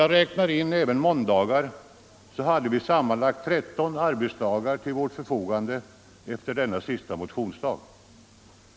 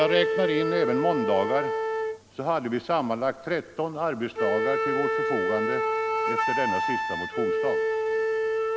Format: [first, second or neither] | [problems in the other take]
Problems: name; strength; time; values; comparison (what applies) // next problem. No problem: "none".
first | background sound (Wind instrument, woodwind instrument); 1 dB above the speech